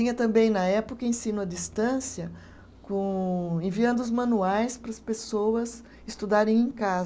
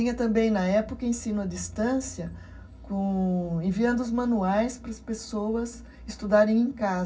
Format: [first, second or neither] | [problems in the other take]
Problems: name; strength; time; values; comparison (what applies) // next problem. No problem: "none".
first | room echo; dies away in 0.4 s